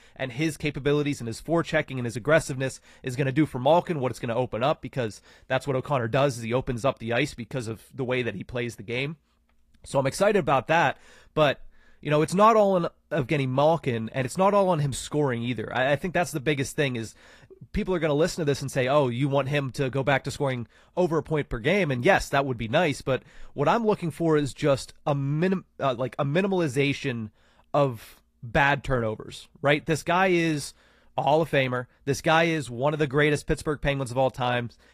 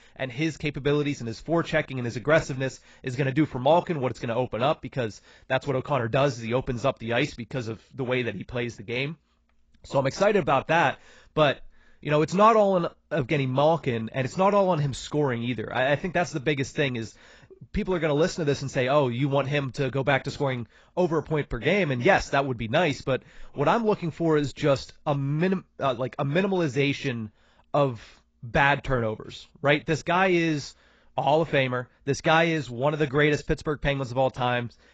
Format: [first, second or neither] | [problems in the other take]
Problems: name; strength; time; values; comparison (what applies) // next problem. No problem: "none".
first | garbled, watery; badly; nothing above 7.5 kHz; slightly in the first